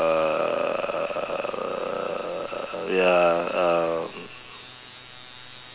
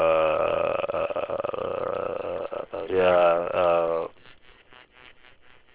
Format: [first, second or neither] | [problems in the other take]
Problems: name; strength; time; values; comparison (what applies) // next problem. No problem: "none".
first | noise reduction (neural separator model SepFormer WHAM!)